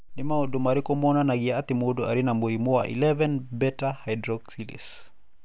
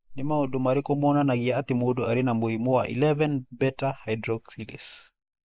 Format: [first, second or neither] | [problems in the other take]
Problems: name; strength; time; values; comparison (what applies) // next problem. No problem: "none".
first | noise reduction (neural mask model Resemble Enhance denoiser)